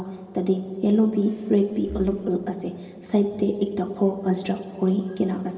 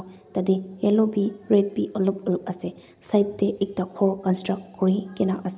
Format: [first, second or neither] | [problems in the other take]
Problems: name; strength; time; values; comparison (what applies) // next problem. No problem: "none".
second | background sound (Breathing); 20 dB below the speech // room echo; dies away in 2.9 s